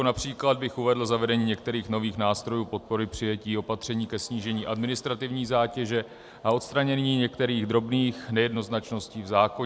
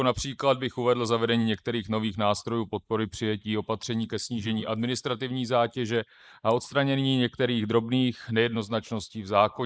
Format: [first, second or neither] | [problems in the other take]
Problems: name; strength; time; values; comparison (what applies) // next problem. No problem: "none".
first | noise reduction (neural mask model Resemble Enhance denoiser)